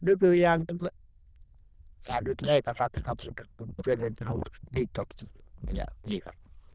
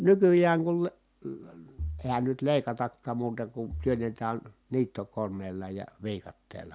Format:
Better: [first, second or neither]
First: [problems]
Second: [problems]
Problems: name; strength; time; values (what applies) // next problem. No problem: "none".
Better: second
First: noise reduction (neural diffusion model UNIVERSE++)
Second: none